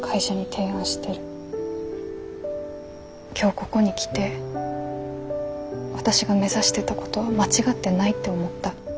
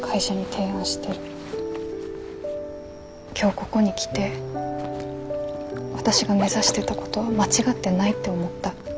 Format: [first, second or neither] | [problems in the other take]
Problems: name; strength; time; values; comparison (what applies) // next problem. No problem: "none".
first | background sound (Zipper (clothing)); 15 dB below the speech